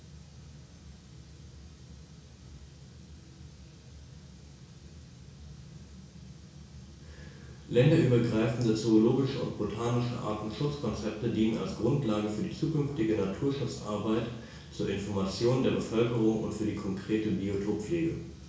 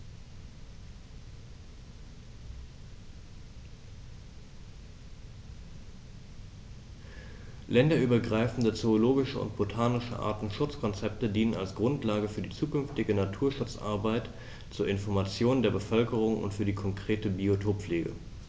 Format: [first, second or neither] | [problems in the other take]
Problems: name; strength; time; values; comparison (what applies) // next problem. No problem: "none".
second | room echo; dies away in 0.6 s